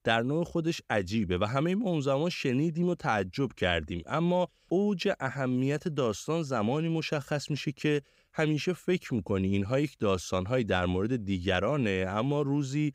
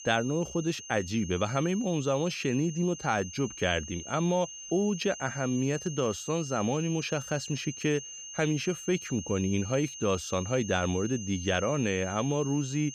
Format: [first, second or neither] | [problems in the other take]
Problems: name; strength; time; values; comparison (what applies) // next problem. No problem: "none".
first | high-pitched whine; noticeable; throughout; 6.5 kHz, 10 dB below the speech